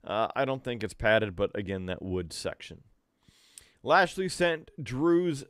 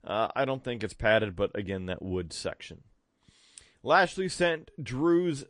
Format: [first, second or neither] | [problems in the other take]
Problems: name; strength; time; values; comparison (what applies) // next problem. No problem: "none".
first | garbled, watery; slightly; nothing above 8.5 kHz